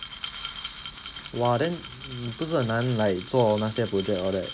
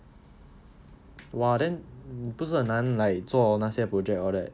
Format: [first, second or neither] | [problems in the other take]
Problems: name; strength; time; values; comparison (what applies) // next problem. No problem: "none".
second | background sound (Glass); 13 dB below the speech